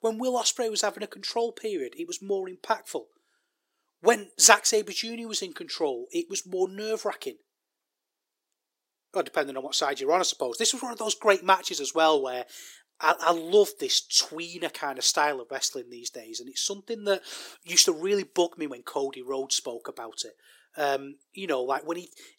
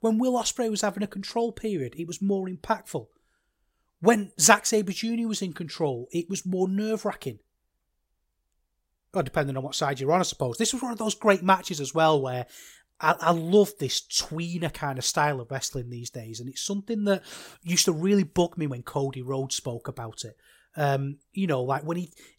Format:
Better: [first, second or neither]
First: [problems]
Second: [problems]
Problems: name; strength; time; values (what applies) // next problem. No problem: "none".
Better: second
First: thin; somewhat; fading below 300 Hz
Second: none